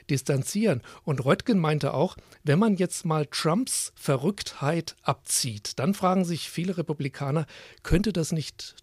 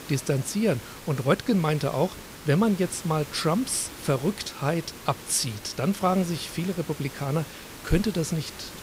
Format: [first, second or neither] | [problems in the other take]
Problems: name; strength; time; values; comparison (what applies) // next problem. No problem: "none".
first | hiss; noticeable; throughout; 15 dB below the speech